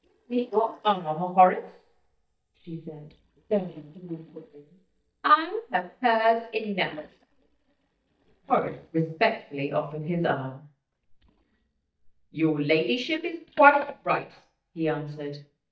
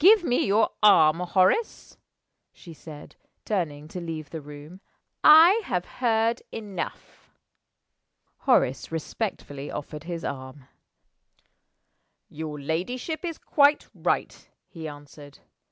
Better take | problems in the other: second | noise reduction (neural mask model DeepFilterNet 3)

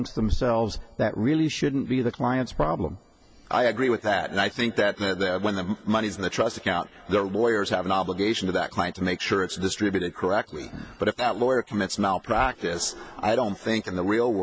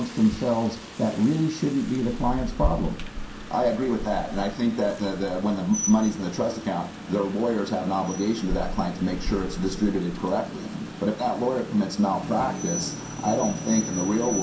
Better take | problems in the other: first | background sound (Rain); 8 dB below the speech // room echo; dies away in 0.5 s

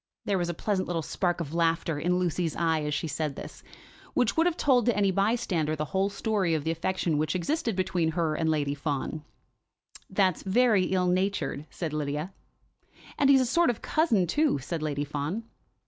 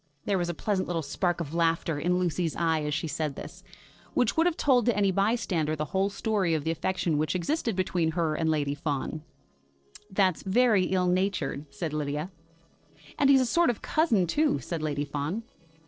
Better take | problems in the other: first | noise reduction (neural separator model SepFormer DNS4)

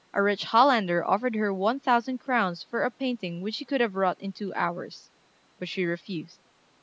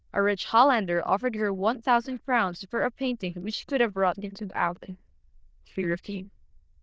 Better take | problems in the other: first | noise reduction (neural diffusion model UNIVERSE++)

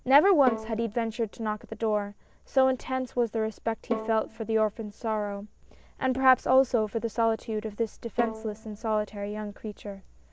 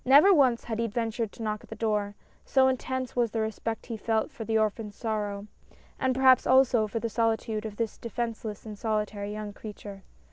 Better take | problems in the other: second | background sound (Bowed string instrument); 12 dB below the speech

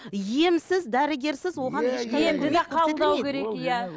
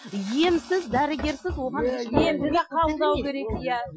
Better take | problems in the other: first | noise reduction (classical method Wiener filter)

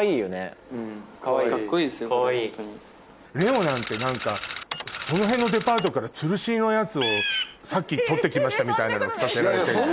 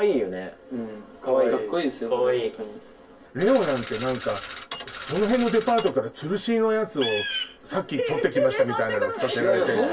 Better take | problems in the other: first | room echo; dies away in 0.1 s

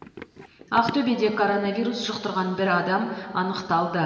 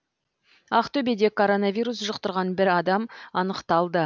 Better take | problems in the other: second | background sound (Run); 18 dB below the speech // room echo; dies away in 2.9 s

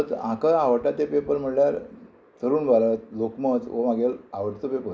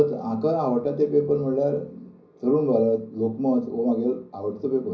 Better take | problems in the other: first | room echo; dies away in 0.5 s

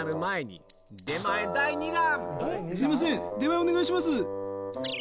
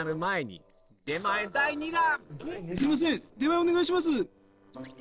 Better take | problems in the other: first | noise reduction (neural separator model SepFormer DNS4)

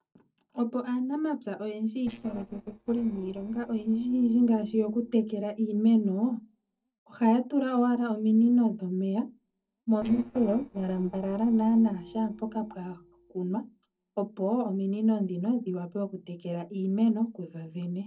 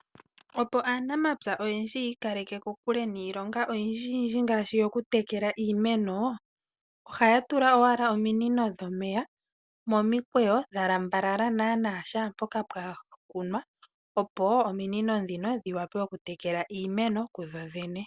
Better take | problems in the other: second | noise reduction (neural separator model SepFormer DNS4)

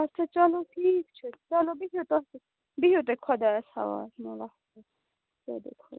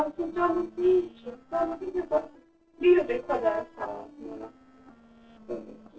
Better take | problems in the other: first | noise reduction (neural separator model SepFormer DNS4)

